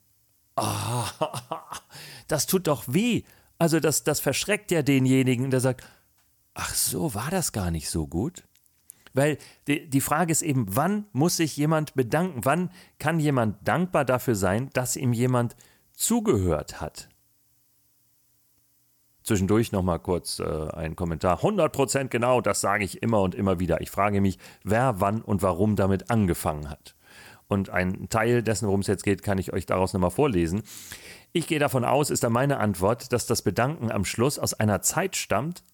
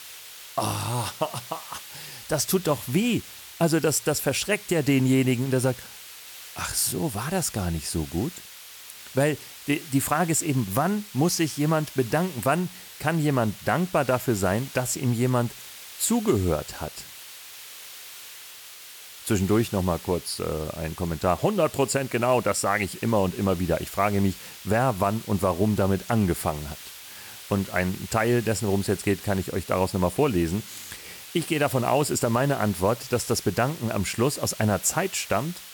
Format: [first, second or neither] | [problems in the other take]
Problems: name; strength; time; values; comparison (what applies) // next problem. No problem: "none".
first | hiss; noticeable; throughout; 15 dB below the speech